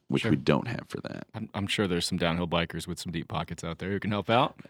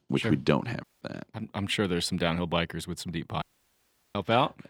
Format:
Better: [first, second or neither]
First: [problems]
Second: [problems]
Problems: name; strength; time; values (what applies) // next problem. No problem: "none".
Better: first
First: none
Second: audio cutting out; at 1 s and at 3.5 s for 0.5 s